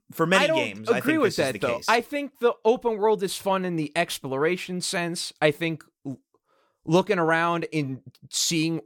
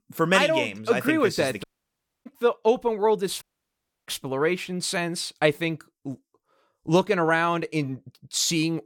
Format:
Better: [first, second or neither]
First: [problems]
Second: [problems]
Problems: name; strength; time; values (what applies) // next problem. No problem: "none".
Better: first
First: none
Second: audio cutting out; at 1.5 s for 0.5 s and at 3.5 s for 0.5 s